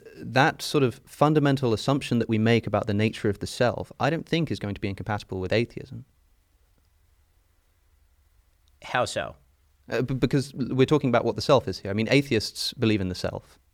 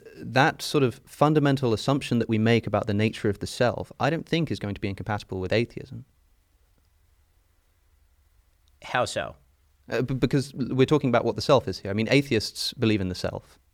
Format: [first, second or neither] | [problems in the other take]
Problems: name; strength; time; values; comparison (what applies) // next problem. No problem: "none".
neither | none